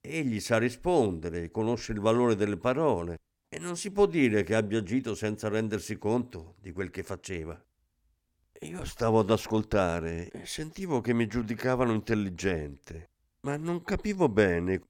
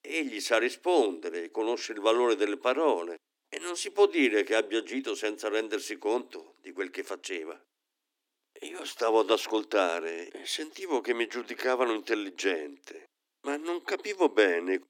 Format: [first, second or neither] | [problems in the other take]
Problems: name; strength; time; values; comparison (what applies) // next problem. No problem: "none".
first | thin; somewhat; fading below 300 Hz